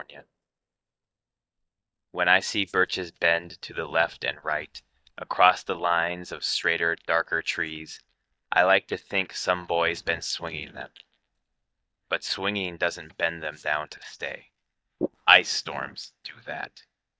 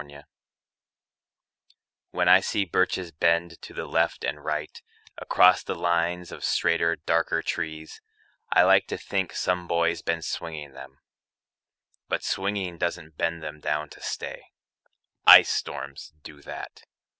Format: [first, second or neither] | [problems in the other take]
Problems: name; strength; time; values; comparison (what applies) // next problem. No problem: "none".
second | noise reduction (neural mask model DeepFilterNet 3)